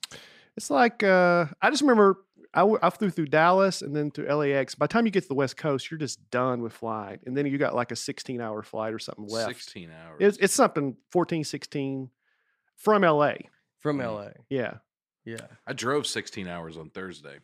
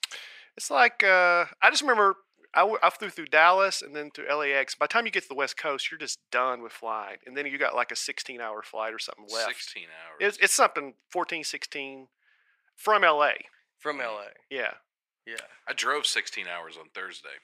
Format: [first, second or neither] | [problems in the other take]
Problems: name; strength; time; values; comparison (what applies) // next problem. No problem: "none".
first | thin; very; fading below 700 Hz